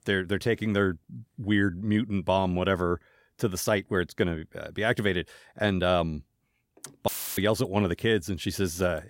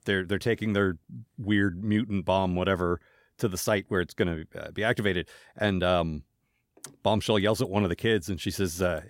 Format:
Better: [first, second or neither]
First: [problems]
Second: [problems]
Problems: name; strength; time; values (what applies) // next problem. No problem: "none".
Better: second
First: audio cutting out; filled with static; at 7 s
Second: none